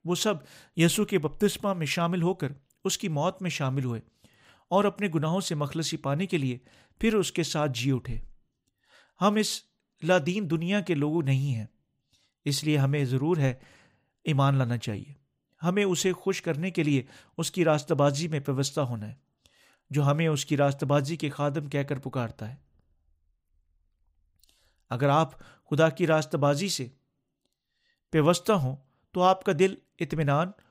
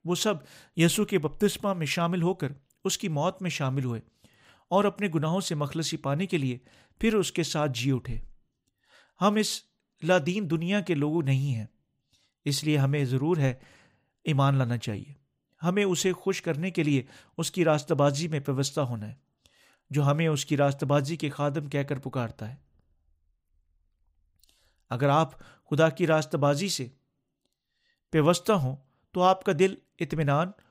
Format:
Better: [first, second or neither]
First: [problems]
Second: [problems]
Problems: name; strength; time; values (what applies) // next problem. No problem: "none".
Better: neither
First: none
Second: none